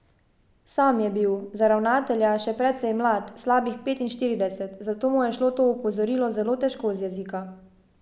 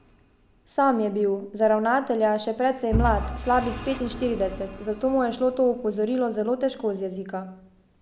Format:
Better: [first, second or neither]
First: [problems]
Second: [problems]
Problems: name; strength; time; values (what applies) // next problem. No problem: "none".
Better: first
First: none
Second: background sound (Engine / Vehicle); 11 dB below the speech